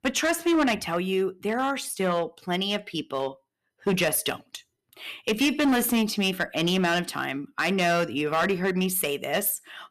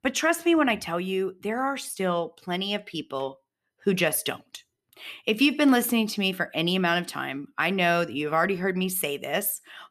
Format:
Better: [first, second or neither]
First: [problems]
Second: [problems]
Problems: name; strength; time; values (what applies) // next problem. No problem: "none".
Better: second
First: distortion; slight; 7% of the sound clipped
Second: none